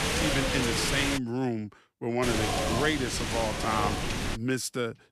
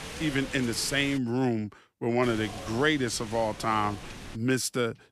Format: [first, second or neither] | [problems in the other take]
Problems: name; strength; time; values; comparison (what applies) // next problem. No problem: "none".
second | wind noise on the microphone; heavy; until 1 s and from 2 to 4.5 s; 2 dB above the speech; occasional gusts in the second